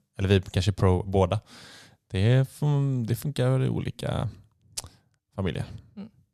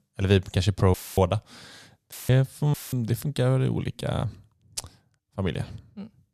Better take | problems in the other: first | audio cutting out; filled with static; at 1 s, at 2 s and at 2.5 s

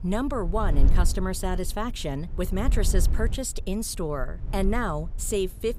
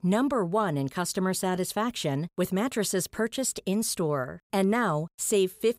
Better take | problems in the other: second | low rumble; noticeable; throughout; 15 dB below the speech

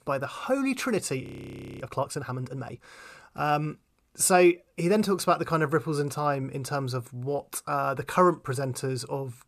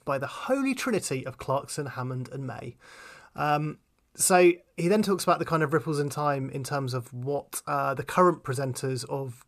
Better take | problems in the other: second | audio freezing; at 1 s for 0.5 s

